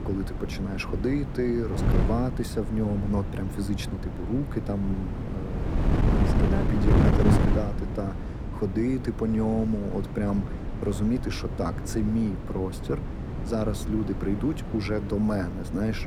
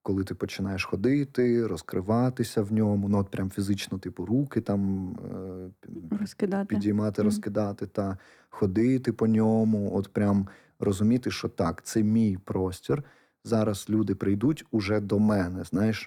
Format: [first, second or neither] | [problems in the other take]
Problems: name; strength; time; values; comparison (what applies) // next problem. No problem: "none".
second | wind noise on the microphone; heavy; 4 dB below the speech